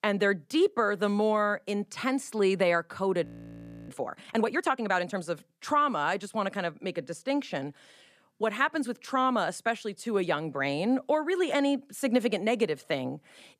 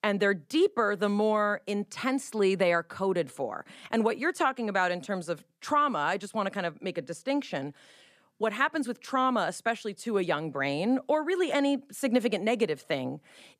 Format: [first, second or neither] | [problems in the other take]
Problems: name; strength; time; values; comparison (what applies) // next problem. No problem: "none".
second | audio freezing; at 3.5 s for 0.5 s